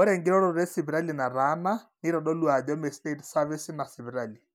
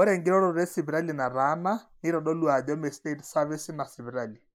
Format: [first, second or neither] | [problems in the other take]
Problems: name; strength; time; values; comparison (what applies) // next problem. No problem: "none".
first | noise reduction (neural mask model Resemble Enhance denoiser)